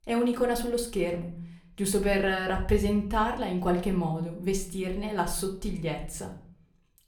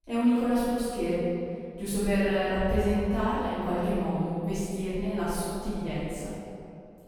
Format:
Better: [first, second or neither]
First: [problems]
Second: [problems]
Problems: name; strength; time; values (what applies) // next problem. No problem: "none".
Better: first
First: room echo; slight; dies away in 0.4 s // off-mic speech; somewhat distant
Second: room echo; strong; dies away in 2.2 s // off-mic speech; far